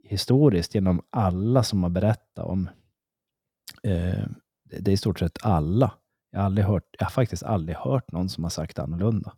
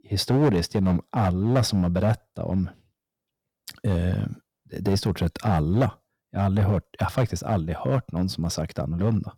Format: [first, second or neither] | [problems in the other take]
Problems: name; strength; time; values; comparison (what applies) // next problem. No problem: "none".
first | distortion; slight; 4% of the sound clipped